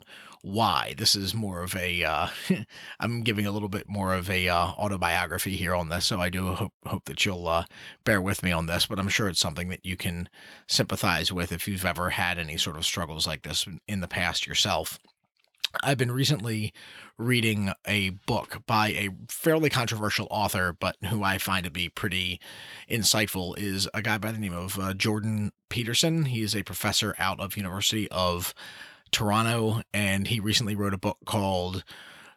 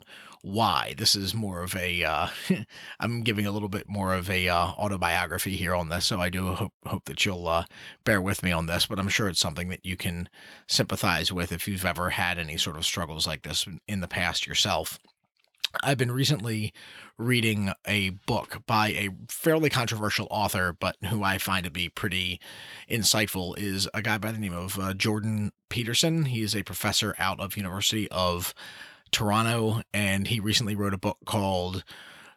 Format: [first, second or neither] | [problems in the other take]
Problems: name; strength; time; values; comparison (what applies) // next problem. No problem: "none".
neither | none